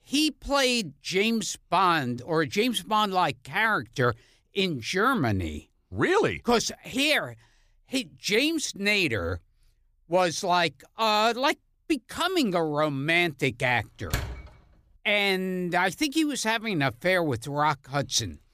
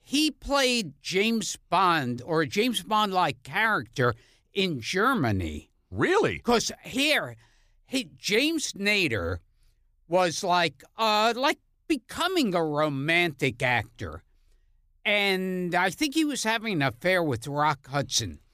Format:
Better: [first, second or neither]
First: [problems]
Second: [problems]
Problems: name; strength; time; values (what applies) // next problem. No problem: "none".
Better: second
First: door banging; noticeable; at 14 s; peak 7 dB below the speech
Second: none